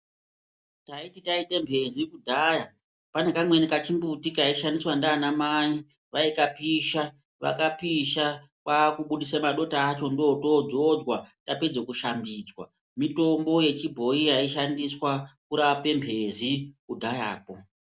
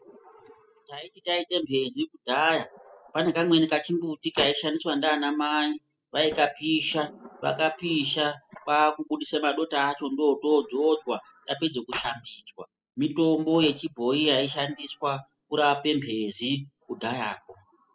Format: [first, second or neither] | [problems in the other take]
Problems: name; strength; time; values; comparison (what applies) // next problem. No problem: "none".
first | noise reduction (classical method spectral subtraction)